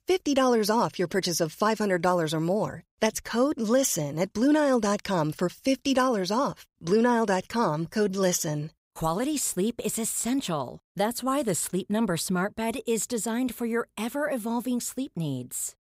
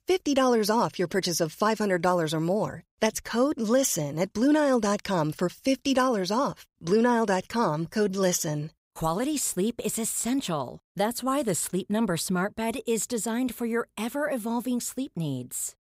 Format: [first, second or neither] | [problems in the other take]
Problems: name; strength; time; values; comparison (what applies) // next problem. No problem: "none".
neither | none